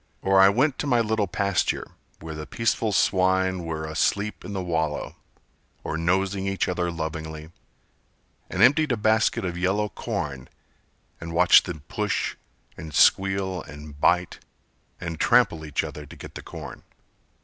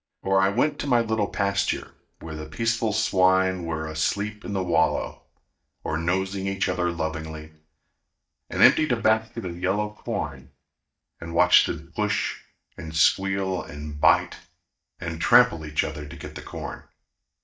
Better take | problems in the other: first | noise reduction (neural mask model DeepFilterNet 3)

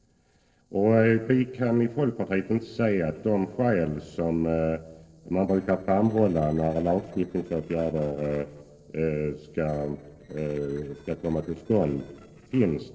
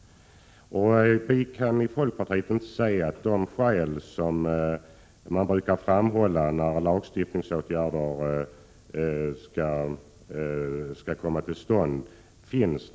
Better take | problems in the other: second | noise reduction (neural separator model SepFormer DNS4)

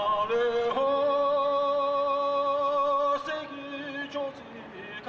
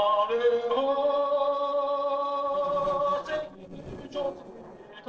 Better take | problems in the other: first | noise reduction (neural separator model SepFormer DNS4)

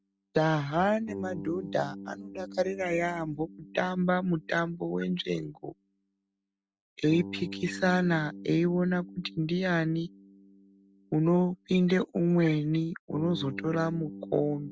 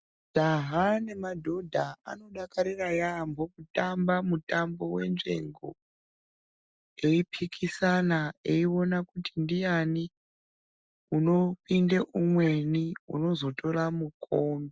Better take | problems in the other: second | background sound (Bass guitar); 15 dB below the speech

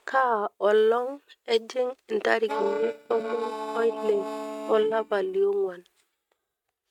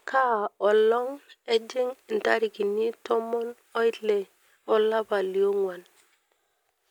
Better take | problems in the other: second | noise reduction (neural mask model RNNoise)

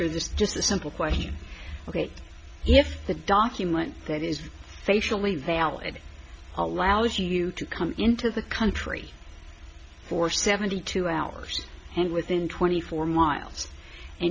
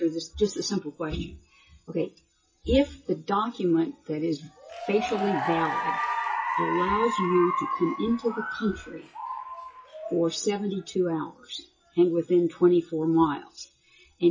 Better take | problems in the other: first | noise reduction (classical method WPE with log-MMSE)

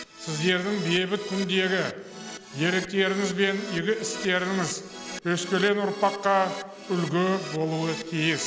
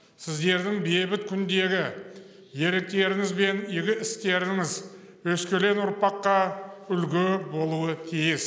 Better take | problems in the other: second | background sound (Keyboard (musical)); 13 dB below the speech

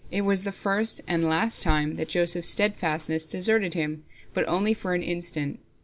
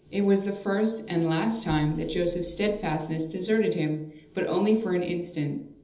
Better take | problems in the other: first | room echo; dies away in 1.2 s

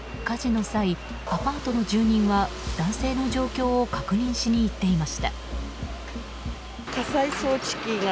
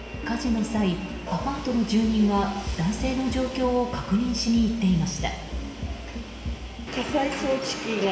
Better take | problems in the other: first | background sound (Electric guitar / Strum); 16 dB below the speech // room echo; dies away in 1.2 s

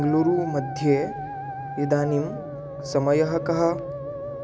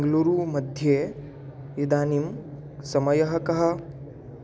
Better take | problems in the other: second | background sound (Musical instrument); 10 dB below the speech

